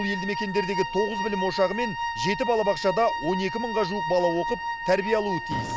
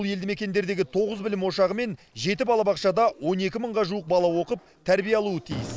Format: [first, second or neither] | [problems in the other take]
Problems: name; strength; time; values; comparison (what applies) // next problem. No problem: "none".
second | background sound (Wind instrument, woodwind instrument); 4 dB below the speech